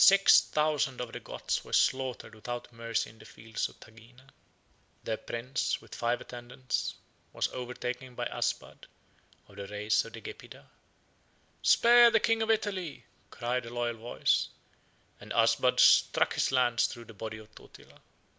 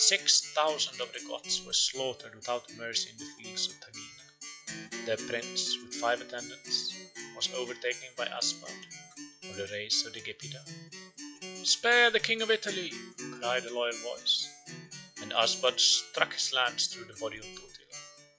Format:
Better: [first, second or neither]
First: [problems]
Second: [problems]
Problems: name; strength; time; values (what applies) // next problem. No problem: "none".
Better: first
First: none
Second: noise reduction (classical method log-MMSE)